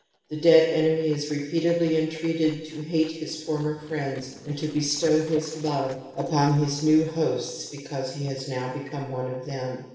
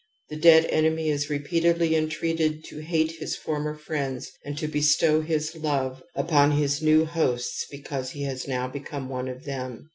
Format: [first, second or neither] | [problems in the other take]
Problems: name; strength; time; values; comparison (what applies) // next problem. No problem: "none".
second | noise reduction (neural separator model SepFormer DNS4)